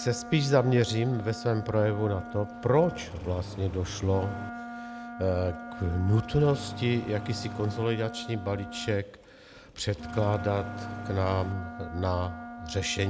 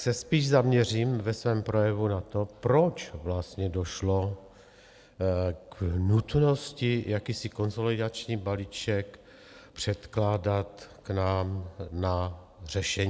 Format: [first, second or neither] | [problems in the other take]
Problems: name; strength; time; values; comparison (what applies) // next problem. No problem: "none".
second | background sound (Wind instrument, woodwind instrument + Engine starting); 11 dB below the speech